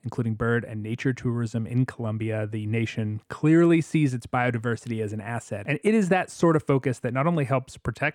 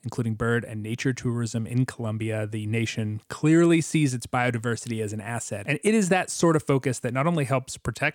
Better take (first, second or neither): second